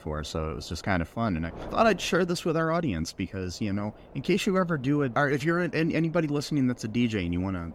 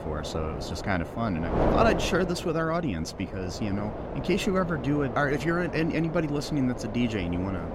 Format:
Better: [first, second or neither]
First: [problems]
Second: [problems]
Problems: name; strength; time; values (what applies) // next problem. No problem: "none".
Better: first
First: wind noise on the microphone; occasional gusts; 20 dB below the speech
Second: wind noise on the microphone; heavy; 5 dB below the speech